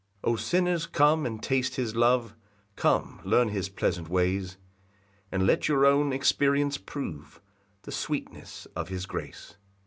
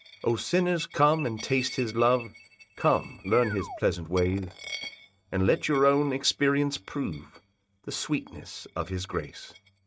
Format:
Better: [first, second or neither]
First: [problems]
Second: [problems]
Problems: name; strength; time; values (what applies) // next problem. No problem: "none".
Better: first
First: none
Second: noise reduction (neural mask model RNNoise)